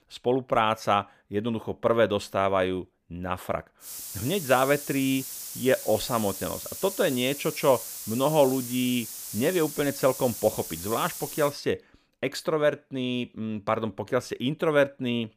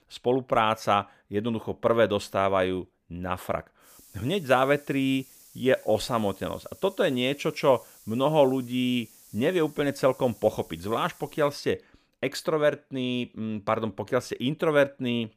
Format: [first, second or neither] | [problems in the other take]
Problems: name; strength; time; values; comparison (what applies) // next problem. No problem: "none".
second | hiss; loud; from 4 to 12 s; 8 dB below the speech; faint in the second